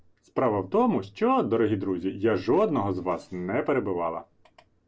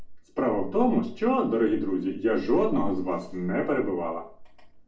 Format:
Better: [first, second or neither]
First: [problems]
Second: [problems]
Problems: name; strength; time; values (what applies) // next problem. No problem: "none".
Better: first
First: none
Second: room echo; dies away in 0.3 s